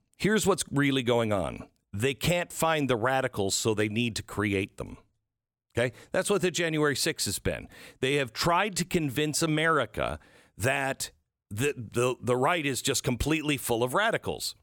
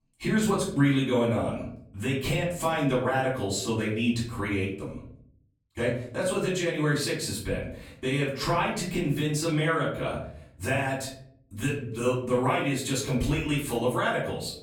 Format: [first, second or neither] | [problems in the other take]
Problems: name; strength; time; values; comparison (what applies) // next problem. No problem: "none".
first | room echo; noticeable; dies away in 0.6 s // off-mic speech; far